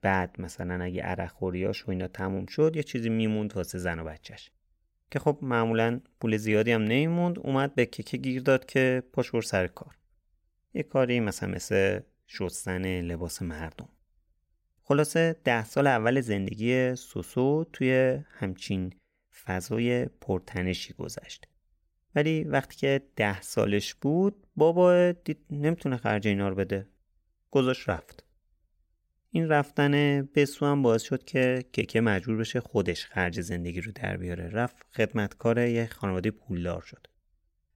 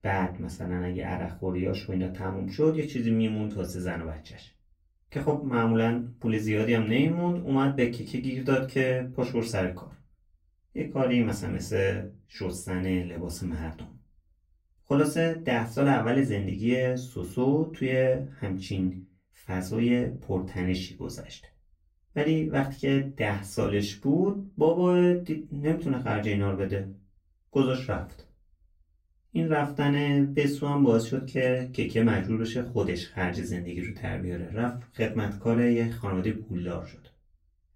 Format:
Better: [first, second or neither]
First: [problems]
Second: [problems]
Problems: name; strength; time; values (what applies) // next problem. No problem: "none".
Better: first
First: none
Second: off-mic speech; far // room echo; very slight; dies away in 0.3 s